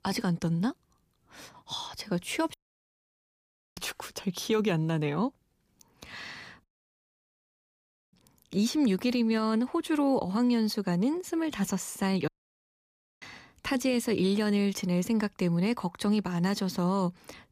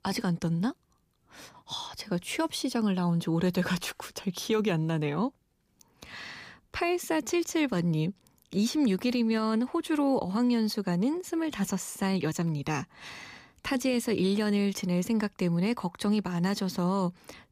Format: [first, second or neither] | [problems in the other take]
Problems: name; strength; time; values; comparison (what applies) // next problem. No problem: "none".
second | audio cutting out; at 2.5 s for 1 s, at 6.5 s for 1.5 s and at 12 s for 1 s